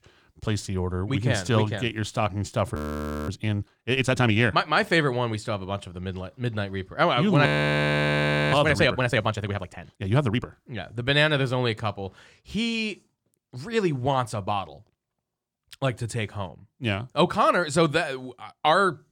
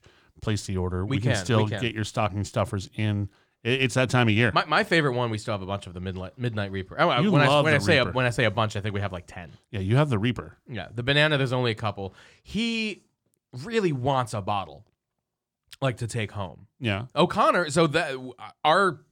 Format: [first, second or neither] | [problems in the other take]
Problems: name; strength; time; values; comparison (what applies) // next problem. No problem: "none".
second | audio freezing; at 3 s for 0.5 s and at 7.5 s for 1 s